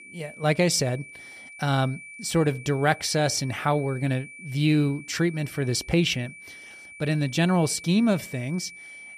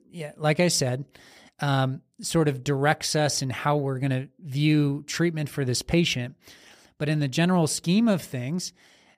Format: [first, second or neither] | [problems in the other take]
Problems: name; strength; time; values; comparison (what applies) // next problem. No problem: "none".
second | high-pitched whine; noticeable; throughout; 2.5 kHz, 15 dB below the speech